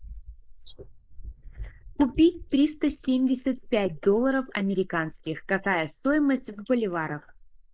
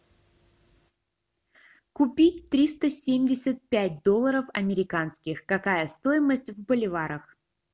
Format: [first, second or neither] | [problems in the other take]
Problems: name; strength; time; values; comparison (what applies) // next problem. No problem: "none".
second | noise reduction (neural mask model Resemble Enhance denoiser)